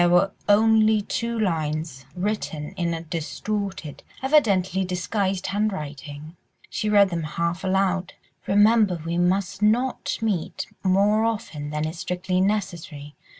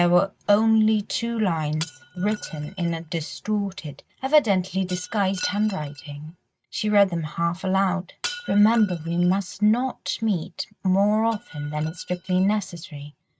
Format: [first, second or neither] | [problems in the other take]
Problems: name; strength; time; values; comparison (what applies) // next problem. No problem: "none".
first | noise reduction (neural mask model RNNoise)